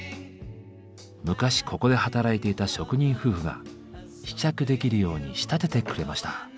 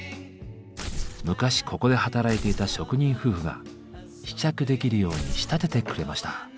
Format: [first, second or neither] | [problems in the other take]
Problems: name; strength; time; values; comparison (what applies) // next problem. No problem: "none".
first | background sound (Tearing); 6 dB below the speech